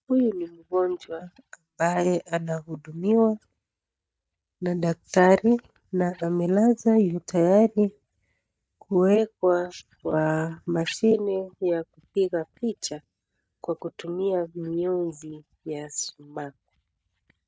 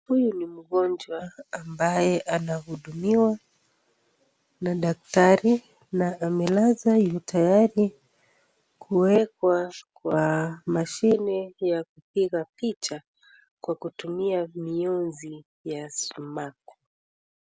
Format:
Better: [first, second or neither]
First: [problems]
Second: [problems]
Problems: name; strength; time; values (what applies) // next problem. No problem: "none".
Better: second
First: noise reduction (neural mask model DeepFilterNet 3)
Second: none